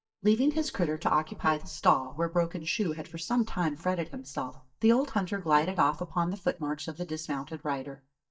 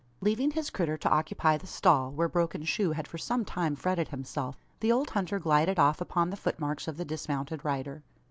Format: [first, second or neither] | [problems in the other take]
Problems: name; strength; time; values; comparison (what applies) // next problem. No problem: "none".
second | noise reduction (neural mask model DeepFilterNet 3)